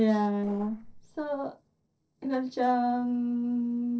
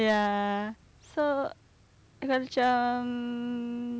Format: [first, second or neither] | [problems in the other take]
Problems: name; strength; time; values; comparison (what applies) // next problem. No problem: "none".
second | noise reduction (neural separator model SepFormer DNS4)